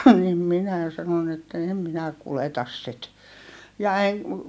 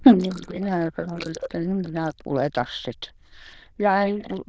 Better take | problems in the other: first | noise reduction (neural diffusion model UNIVERSE++)

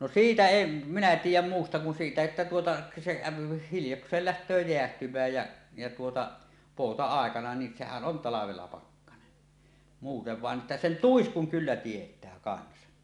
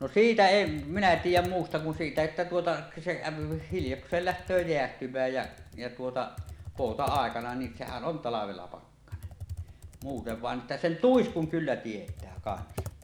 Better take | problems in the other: first | background sound (Computer keyboard); 14 dB below the speech

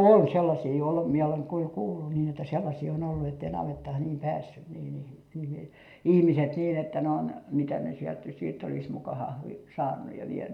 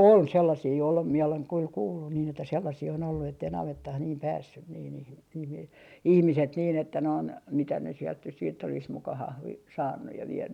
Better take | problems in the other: second | room echo; dies away in 0.6 s

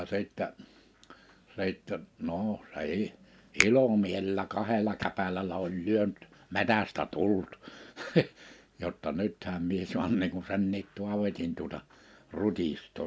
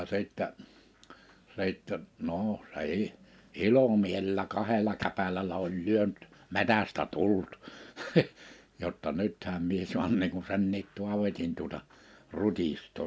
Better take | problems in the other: second | background sound (Finger snapping); 6 dB below the speech

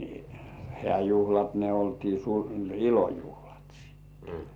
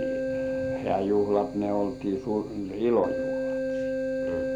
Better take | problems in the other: first | background sound (Keyboard (musical)); 2 dB below the speech

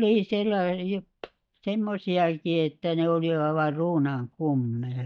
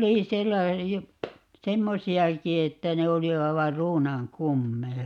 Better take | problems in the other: second | noise reduction (neural mask model DeepFilterNet 3)

